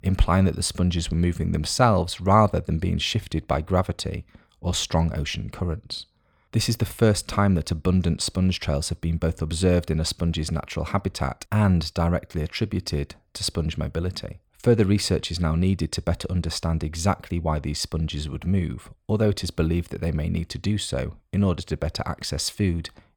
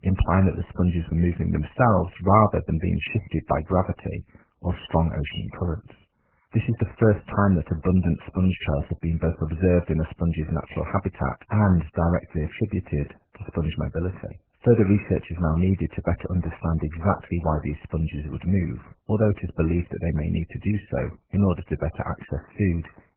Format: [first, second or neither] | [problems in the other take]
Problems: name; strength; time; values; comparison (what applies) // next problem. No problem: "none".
first | garbled, watery; badly; nothing above 3 kHz